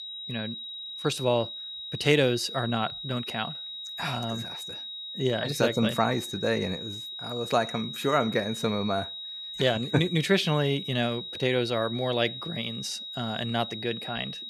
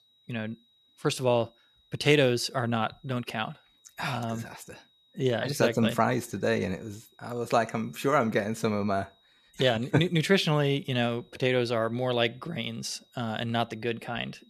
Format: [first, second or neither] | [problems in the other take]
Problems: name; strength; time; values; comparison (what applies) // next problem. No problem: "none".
second | high-pitched whine; loud; throughout; 4 kHz, 7 dB below the speech; faint in the second